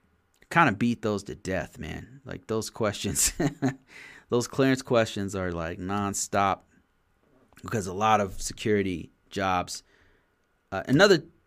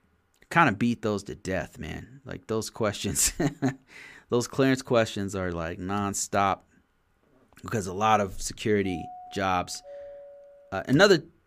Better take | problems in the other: first | doorbell; faint; from 9 to 11 s; peak 15 dB below the speech

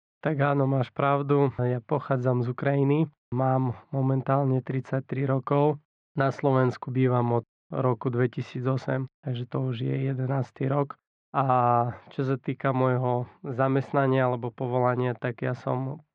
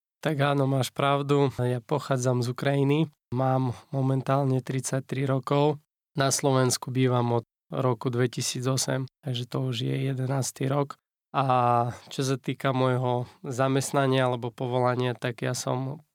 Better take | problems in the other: second | muffled; very; fading above 2 kHz

